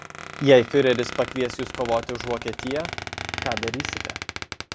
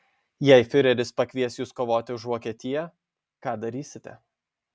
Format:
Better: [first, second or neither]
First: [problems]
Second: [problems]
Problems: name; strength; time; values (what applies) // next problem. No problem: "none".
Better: second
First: background sound (Squeak); 9 dB below the speech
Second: none